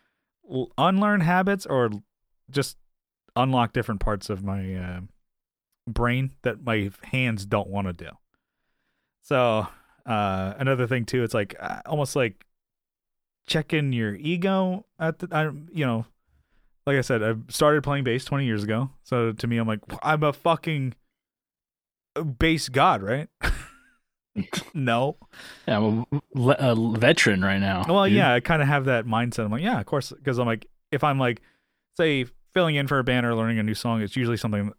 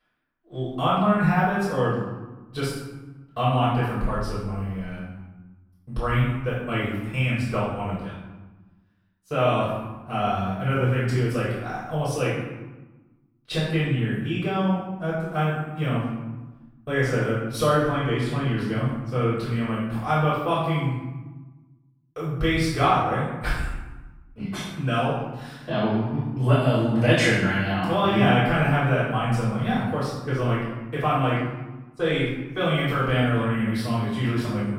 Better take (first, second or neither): first